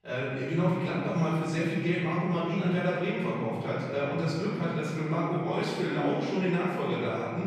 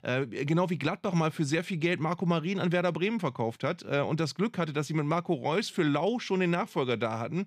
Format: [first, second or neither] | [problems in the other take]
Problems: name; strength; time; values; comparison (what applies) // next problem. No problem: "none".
second | room echo; strong; dies away in 1.9 s // off-mic speech; far